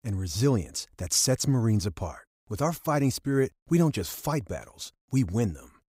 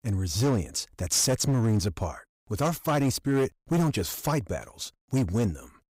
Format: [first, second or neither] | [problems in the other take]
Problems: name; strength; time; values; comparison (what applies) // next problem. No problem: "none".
first | distortion; slight; 9% of the sound clipped